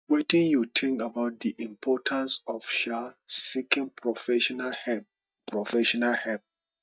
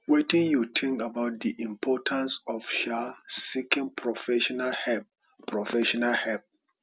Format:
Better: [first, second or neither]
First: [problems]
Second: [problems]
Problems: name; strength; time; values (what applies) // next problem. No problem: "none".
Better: second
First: noise reduction (neural mask model DeepFilterNet 3)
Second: none